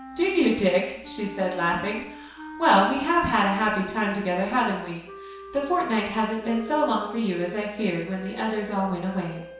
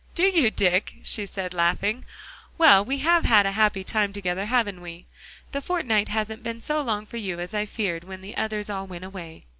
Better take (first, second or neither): second